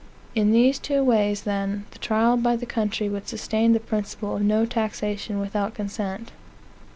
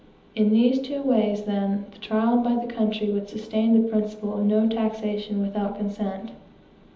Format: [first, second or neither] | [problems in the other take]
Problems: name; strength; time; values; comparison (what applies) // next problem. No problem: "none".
first | room echo; dies away in 1.2 s